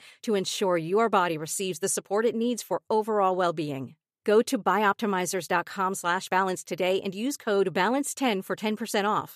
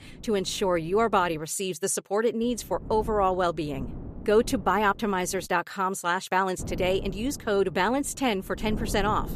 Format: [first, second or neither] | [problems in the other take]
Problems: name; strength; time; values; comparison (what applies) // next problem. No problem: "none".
first | wind noise on the microphone; occasional gusts; until 1.5 s, from 2.5 to 5.5 s and from 6.5 s on; 20 dB below the speech